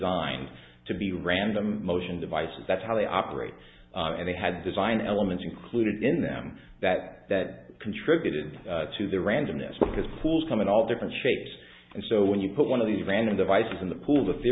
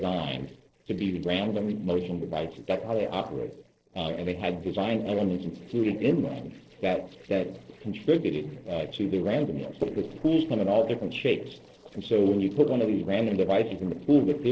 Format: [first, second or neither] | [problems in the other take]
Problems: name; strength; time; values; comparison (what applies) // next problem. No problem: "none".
first | noise reduction (neural separator model SepFormer DNS4)